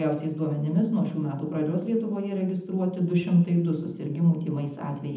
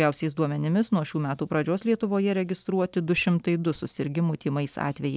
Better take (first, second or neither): second